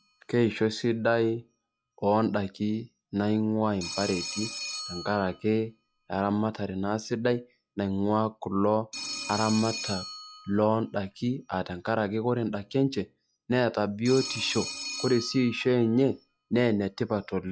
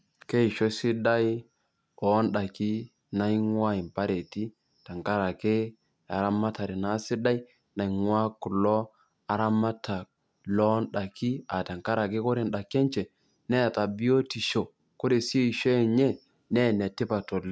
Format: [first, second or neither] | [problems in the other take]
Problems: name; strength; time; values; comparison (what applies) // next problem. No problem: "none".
second | noise reduction (classical method log-MMSE)